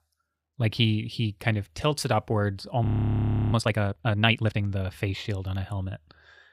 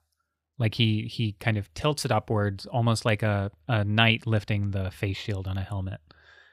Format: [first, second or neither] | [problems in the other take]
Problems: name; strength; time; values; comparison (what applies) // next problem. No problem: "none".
second | audio freezing; at 3 s for 0.5 s